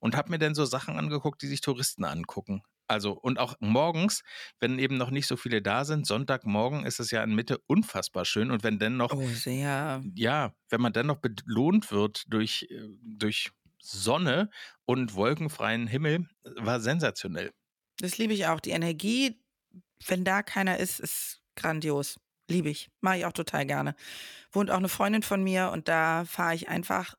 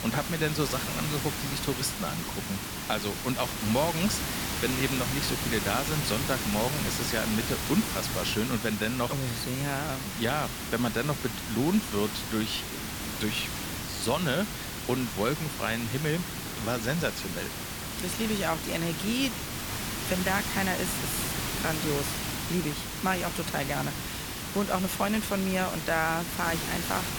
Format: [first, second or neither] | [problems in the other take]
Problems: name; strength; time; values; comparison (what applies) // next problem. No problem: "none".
first | hiss; loud; throughout; 2 dB below the speech